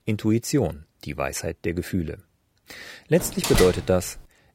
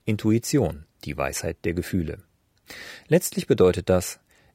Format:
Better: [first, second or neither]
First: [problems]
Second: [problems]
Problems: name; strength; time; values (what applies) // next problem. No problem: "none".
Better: second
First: door banging; loud; at 3 s; peak level with the speech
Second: none